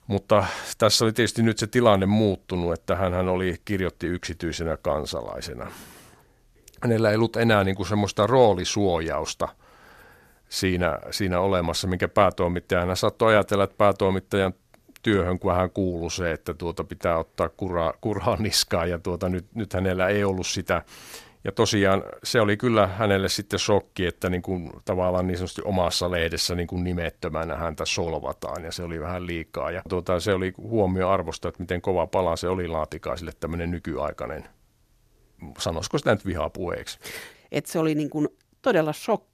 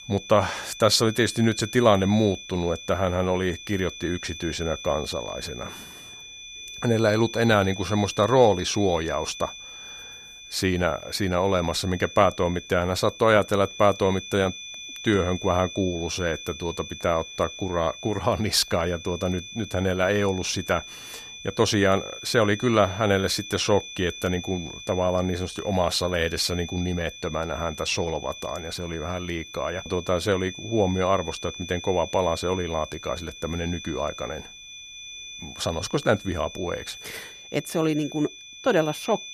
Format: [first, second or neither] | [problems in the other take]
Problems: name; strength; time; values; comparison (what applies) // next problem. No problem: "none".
first | high-pitched whine; noticeable; throughout; 3.5 kHz, 15 dB below the speech